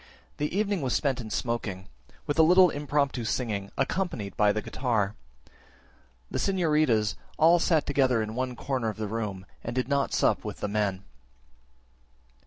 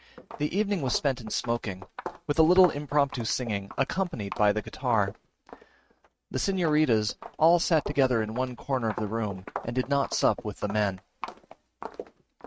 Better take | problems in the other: first | noise reduction (neural mask model RNNoise)

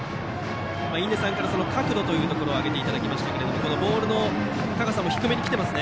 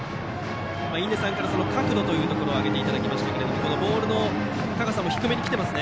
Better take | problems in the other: first | background sound (Bowed string instrument); 8 dB below the speech

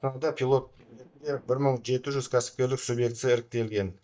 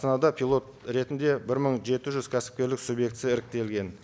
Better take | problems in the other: second | noise reduction (neural mask model DeepFilterNet 3)

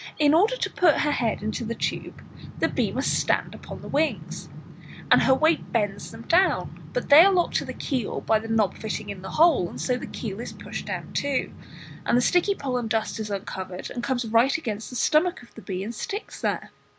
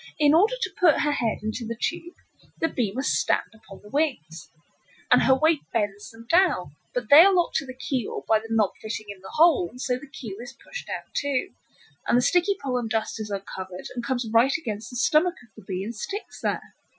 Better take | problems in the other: first | noise reduction (classical method Wiener filter)

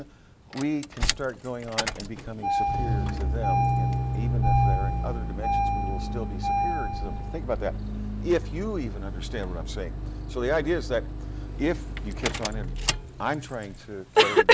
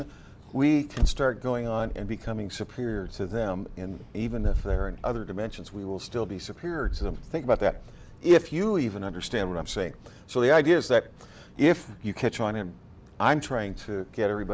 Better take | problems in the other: second | background sound (Engine starting); 5 dB above the speech

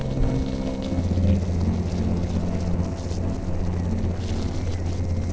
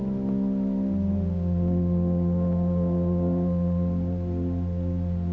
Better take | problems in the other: second | noise reduction (neural separator model SepFormer DNS4)

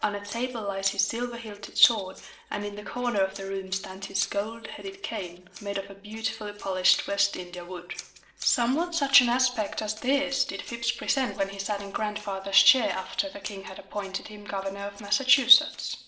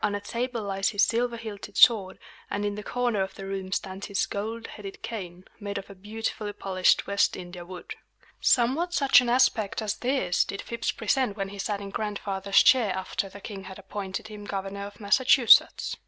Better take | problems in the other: second | noise reduction (neural separator model SepFormer DNS4)

